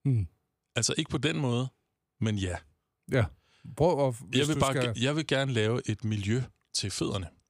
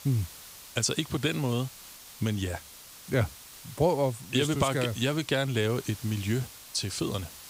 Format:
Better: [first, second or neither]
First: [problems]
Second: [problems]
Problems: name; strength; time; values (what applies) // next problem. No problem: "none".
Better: first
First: none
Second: hiss; noticeable; throughout; 15 dB below the speech